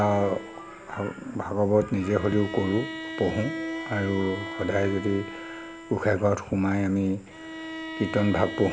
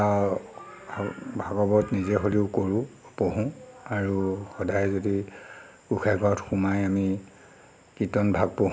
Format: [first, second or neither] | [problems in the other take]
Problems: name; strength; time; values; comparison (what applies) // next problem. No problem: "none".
second | background sound (Bowed string instrument); 11 dB below the speech